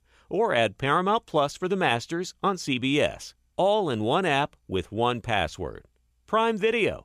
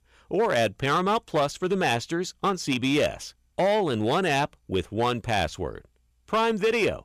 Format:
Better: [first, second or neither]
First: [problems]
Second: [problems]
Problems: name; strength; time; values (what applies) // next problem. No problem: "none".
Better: first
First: none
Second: distortion; slight; 6% of the sound clipped